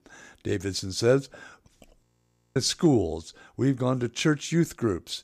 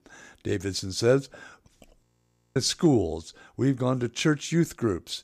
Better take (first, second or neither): neither